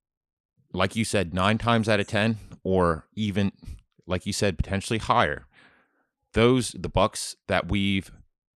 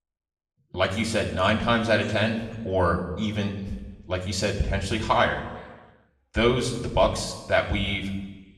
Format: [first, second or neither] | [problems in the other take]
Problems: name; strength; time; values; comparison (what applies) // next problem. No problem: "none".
first | room echo; slight; dies away in 1 s // off-mic speech; somewhat distant